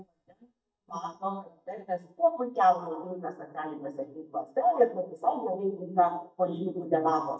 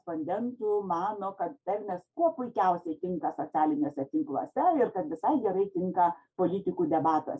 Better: second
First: noise reduction (neural mask model DeepFilterNet 3)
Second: none

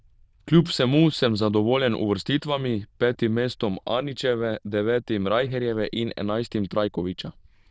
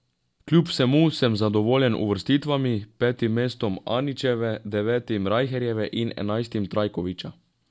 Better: second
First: noise reduction (neural diffusion model UNIVERSE++)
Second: none

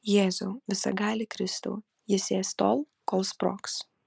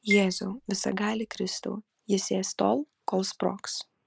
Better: first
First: none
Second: background sound (Marimba, xylophone); 8 dB below the speech

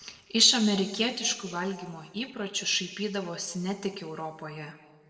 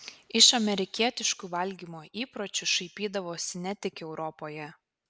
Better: second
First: room echo; dies away in 1.5 s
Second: none

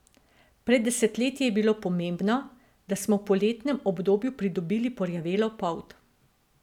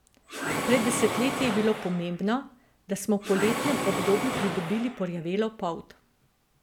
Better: first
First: none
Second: background sound (Mechanisms); 4 dB below the speech

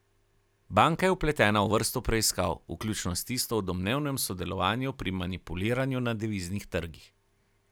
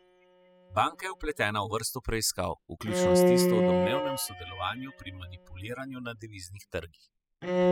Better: first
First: none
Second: noise reduction (classical method spectral subtraction)

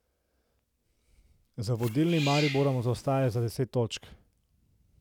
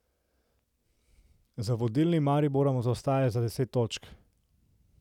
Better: second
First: background sound (Cat); 11 dB below the speech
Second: none

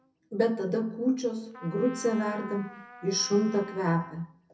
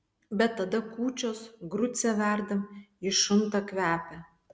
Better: second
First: background sound (Trumpet); 18 dB below the speech // room echo; dies away in 0.3 s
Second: none

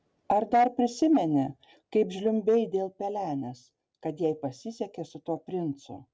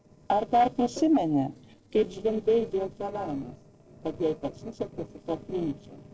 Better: first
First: none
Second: noise reduction (neural separator model SepFormer DNS4)

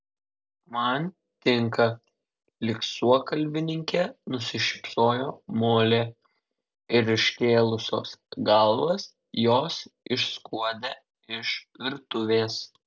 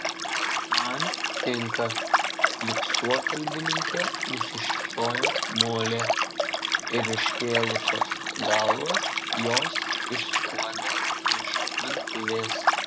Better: first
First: none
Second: background sound (Liquid); 5 dB above the speech

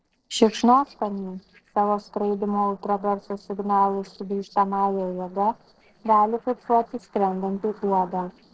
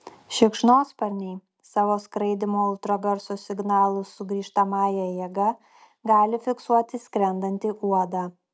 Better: second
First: noise reduction (neural separator model SepFormer DNS4)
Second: none

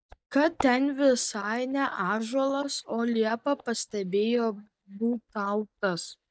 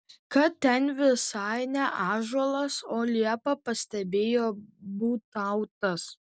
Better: second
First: noise reduction (neural mask model DeepFilterNet 3)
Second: none

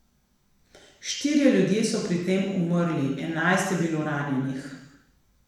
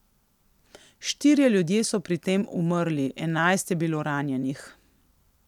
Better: second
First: room echo; dies away in 0.9 s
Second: none

